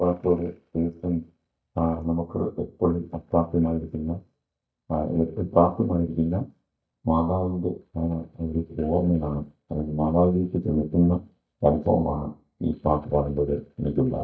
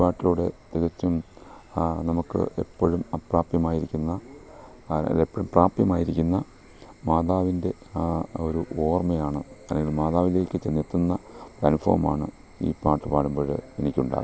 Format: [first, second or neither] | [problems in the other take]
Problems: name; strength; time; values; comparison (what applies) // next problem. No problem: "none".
second | noise reduction (neural mask model DeepFilterNet 3)